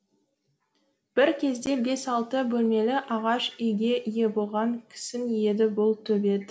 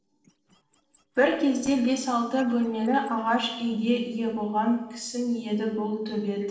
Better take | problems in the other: first | noise reduction (neural separator model SepFormer DNS4)

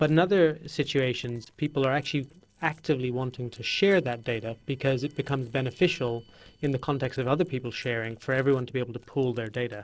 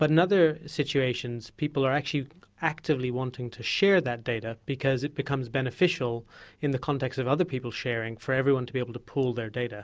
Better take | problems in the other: second | noise reduction (neural separator model SepFormer DNS4)

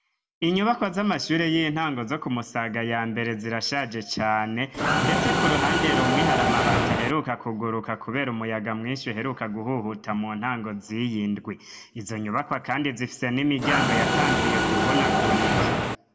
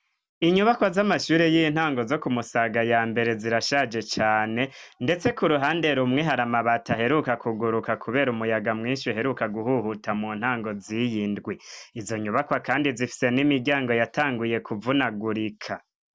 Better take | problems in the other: second | background sound (Mechanisms); 4 dB above the speech // room echo; dies away in 0.8 s

